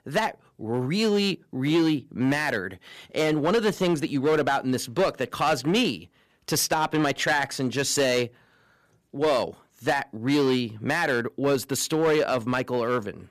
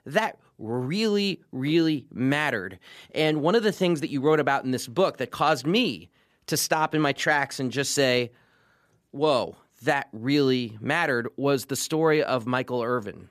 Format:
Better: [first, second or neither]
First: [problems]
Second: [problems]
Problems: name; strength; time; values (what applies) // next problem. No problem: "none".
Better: second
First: distortion; slight; 6% of the sound clipped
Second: none